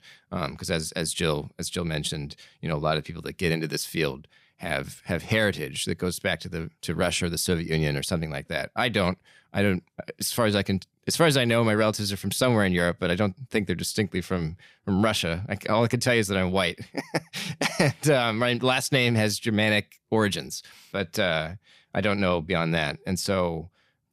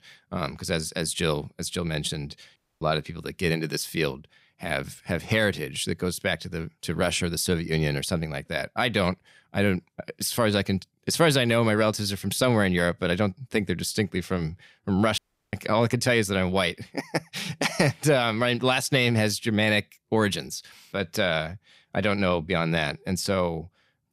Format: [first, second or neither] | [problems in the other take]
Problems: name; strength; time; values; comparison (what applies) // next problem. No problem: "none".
first | audio cutting out; at 2.5 s and at 15 s